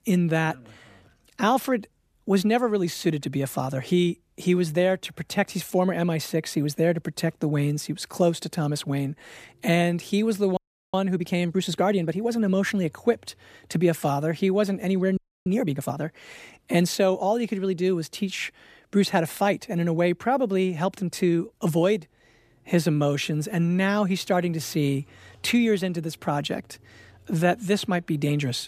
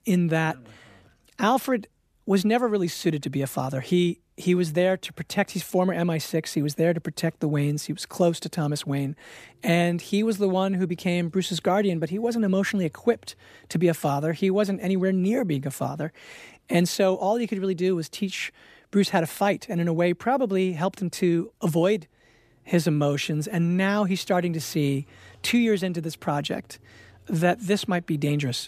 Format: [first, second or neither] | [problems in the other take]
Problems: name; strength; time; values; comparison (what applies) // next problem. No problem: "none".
second | audio freezing; at 11 s and at 15 s